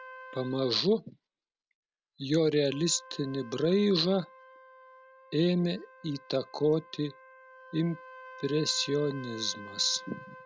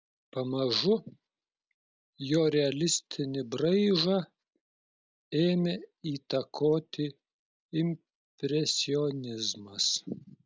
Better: second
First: background sound (Trumpet); 19 dB below the speech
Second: none

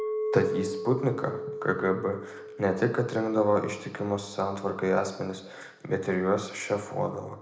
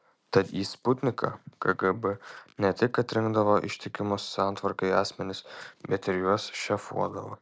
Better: second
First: background sound (Chink, clink); 9 dB below the speech // room echo; dies away in 0.7 s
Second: none

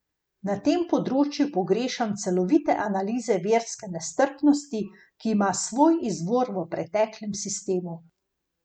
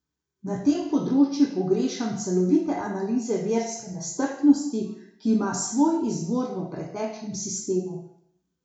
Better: first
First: none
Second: room echo; dies away in 0.6 s

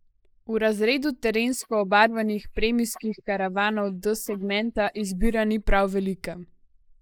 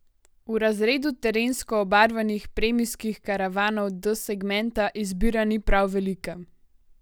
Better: second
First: noise reduction (neural mask model Resemble Enhance denoiser)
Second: none

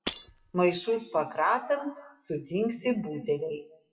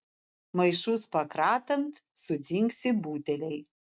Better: second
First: noise reduction (classical method WPE with log-MMSE)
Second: none

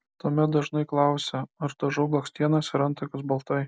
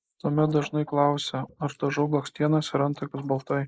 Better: first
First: none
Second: noise reduction (neural mask model Resemble Enhance denoiser)

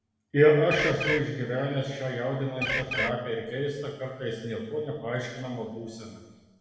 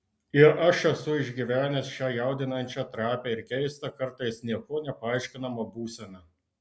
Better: second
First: background sound (Bird); 1 dB below the speech // room echo; dies away in 1.1 s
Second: none

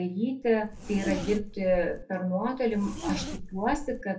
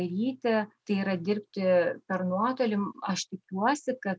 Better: second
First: background sound (Zipper (clothing)); 8 dB below the speech // room echo; dies away in 0.3 s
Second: none

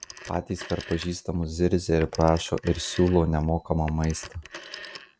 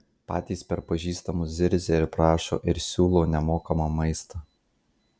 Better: second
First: noise reduction (neural mask model RNNoise)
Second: none

